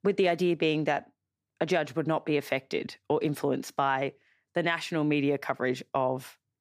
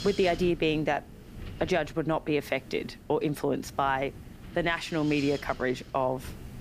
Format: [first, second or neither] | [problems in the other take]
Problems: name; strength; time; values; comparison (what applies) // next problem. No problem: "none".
first | wind noise on the microphone; occasional gusts; 20 dB below the speech